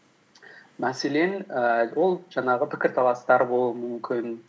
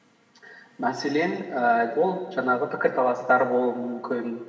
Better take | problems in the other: first | room echo; dies away in 1.7 s

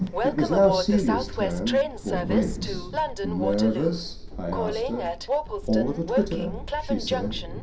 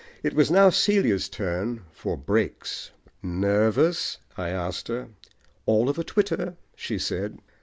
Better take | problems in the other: second | background sound (Train); 2 dB below the speech // room echo; dies away in 0.5 s

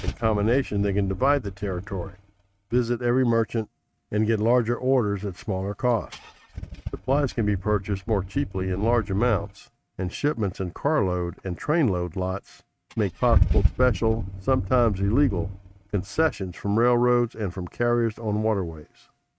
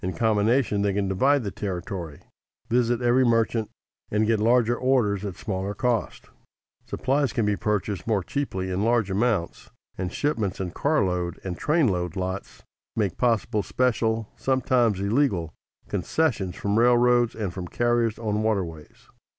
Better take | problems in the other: second | noise reduction (neural mask model RNNoise)

